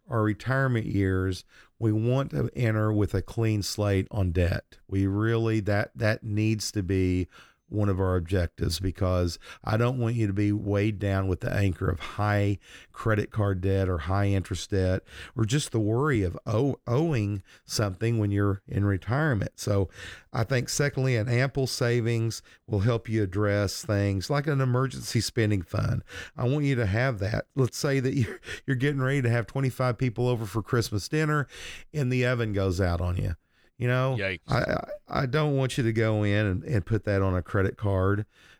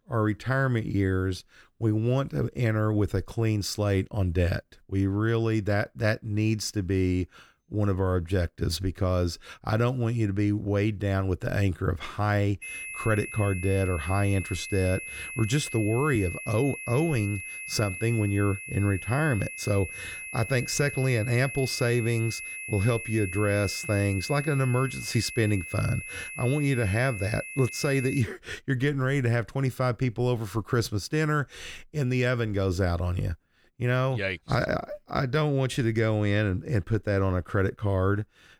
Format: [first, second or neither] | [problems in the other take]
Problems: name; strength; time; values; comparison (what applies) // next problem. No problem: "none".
first | high-pitched whine; loud; from 13 to 28 s; 2.5 kHz, 9 dB below the speech